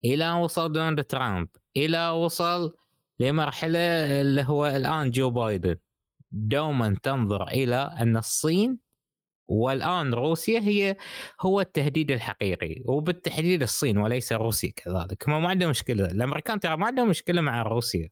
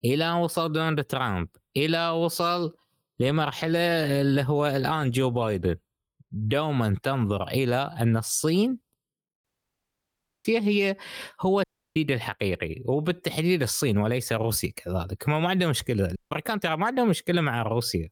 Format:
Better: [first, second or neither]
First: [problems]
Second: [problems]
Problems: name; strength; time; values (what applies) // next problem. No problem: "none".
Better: first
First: none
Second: audio cutting out; at 9.5 s for 1 s, at 12 s and at 16 s